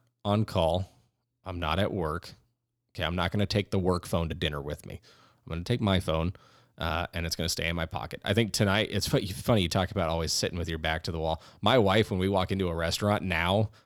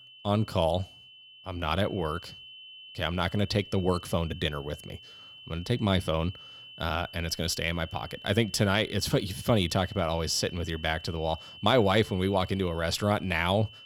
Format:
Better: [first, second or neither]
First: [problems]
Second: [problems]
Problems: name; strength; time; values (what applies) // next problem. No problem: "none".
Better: first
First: none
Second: high-pitched whine; noticeable; throughout; 3 kHz, 15 dB below the speech